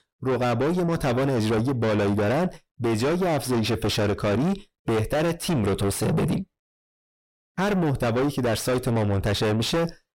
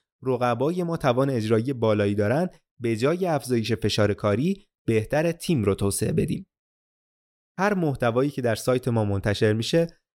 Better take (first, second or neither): second